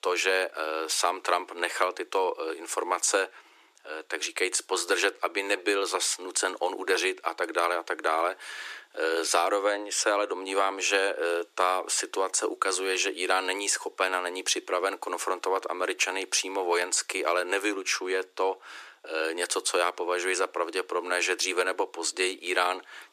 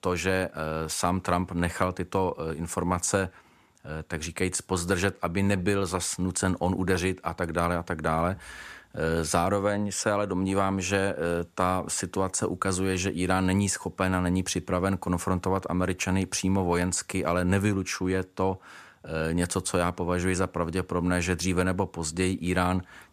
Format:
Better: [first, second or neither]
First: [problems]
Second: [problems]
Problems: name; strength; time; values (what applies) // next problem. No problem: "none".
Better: second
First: thin; very; fading below 300 Hz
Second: none